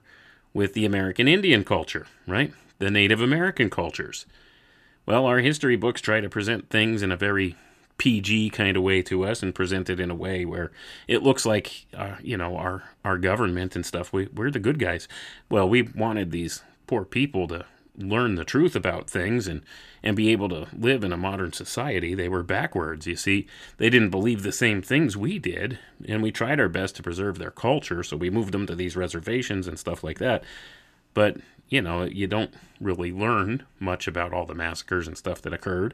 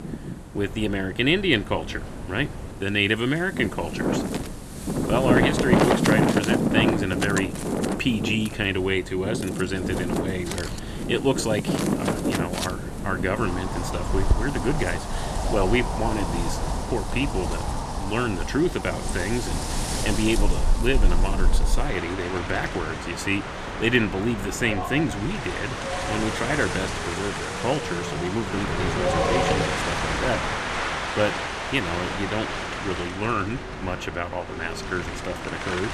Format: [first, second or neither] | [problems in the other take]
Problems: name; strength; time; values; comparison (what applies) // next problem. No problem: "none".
first | wind in the background; loud; throughout; 1 dB below the speech